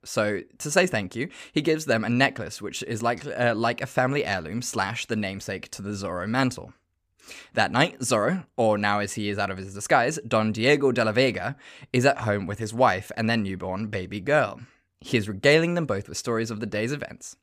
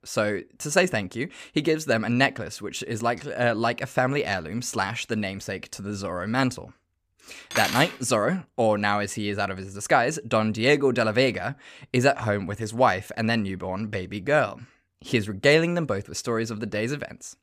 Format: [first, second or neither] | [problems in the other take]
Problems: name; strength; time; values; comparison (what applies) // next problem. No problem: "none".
first | clattering dishes; noticeable; at 7.5 s; peak 2 dB below the speech